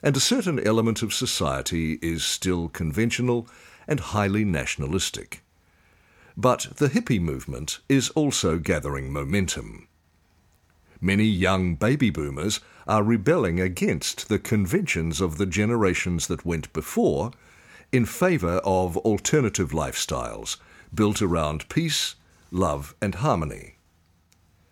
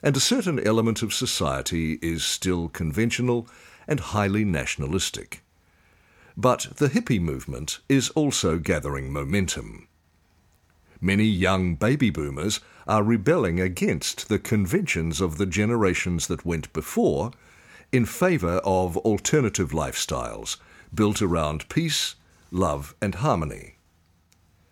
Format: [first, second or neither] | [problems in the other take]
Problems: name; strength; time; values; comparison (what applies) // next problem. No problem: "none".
neither | none